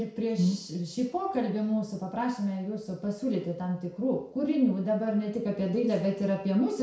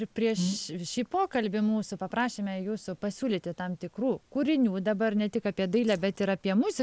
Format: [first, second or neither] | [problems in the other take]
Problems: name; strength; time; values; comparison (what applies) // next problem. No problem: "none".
second | room echo; dies away in 0.6 s